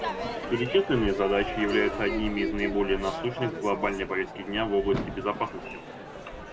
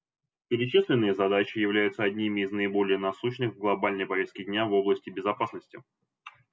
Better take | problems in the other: second | background sound (Crowd / Fireworks); 6 dB below the speech

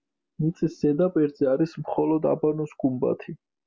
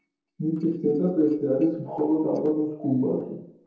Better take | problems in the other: first | noise reduction (neural separator model SepFormer DNS4)

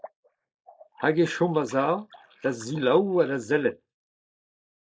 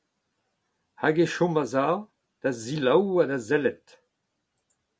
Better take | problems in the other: second | noise reduction (neural mask model Resemble Enhance denoiser)

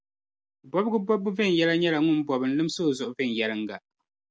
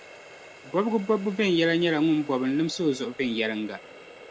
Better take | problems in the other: first | background sound (Water tap, faucet); 20 dB below the speech

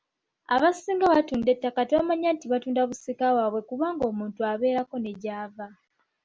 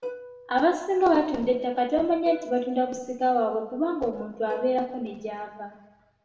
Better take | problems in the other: first | background sound (Plucked string instrument); 17 dB below the speech // room echo; dies away in 0.8 s

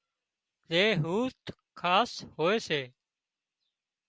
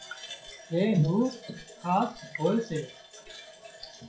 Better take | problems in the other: first | noise reduction (classical method WPE with log-MMSE)

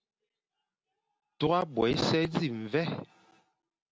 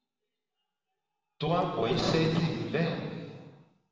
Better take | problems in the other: first | room echo; dies away in 1.6 s

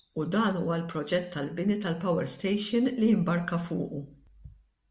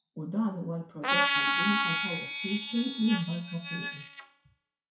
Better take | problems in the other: first | noise reduction (classical method WPE with log-MMSE)

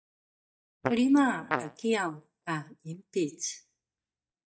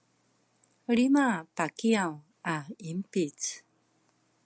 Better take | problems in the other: second | noise reduction (neural mask model DeepFilterNet 3)

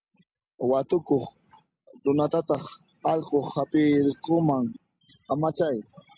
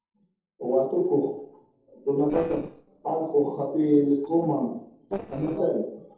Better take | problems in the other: first | noise reduction (neural separator model SepFormer DNS4)

